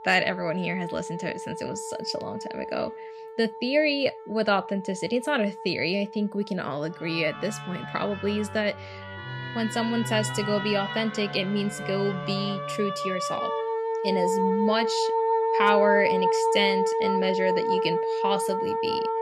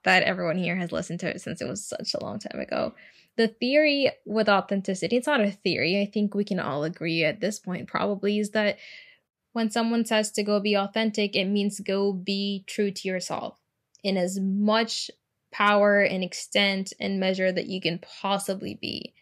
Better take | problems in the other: second | background music; loud; throughout; 1 dB below the speech

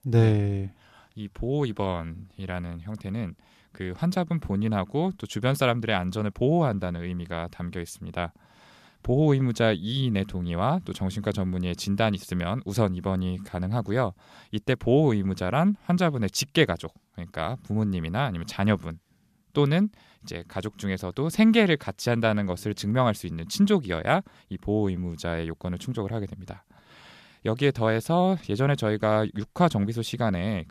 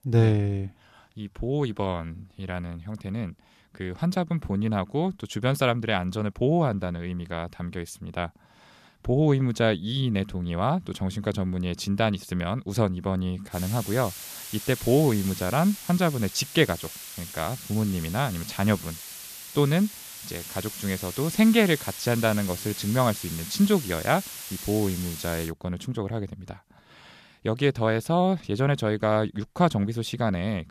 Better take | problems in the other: first | hiss; noticeable; from 14 to 25 s; 10 dB below the speech

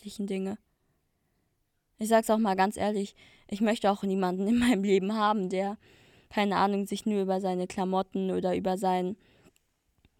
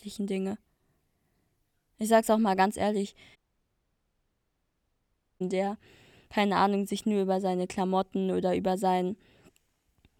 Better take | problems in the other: first | audio cutting out; at 3.5 s for 2 s

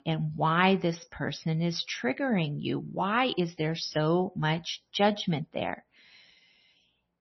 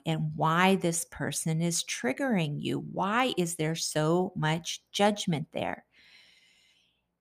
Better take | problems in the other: second | garbled, watery; slightly; nothing above 6 kHz

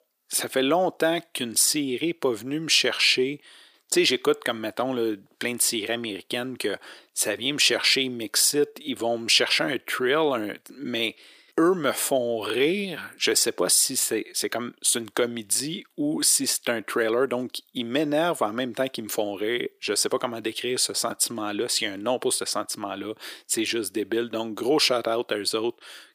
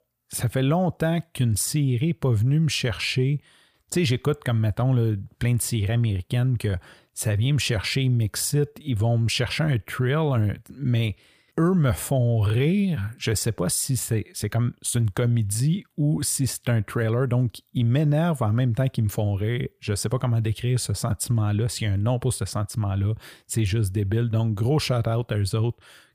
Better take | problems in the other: second | thin; very; fading below 300 Hz

